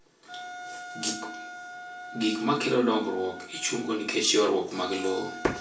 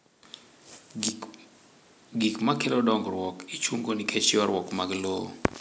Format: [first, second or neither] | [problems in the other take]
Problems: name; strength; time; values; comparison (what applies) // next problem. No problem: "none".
second | background sound (Wind instrument, woodwind instrument); 13 dB below the speech // room echo; dies away in 0.3 s